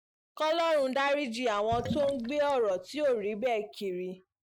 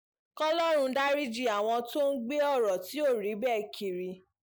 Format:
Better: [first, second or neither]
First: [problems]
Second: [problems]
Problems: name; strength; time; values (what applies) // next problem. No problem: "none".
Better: second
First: noise reduction (neural mask model RNNoise)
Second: none